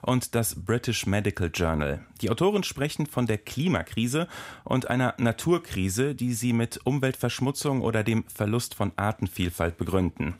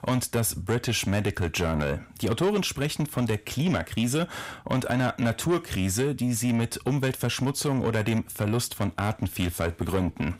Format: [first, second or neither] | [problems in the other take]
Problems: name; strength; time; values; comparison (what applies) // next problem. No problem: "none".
first | distortion; slight; 10 dB below the speech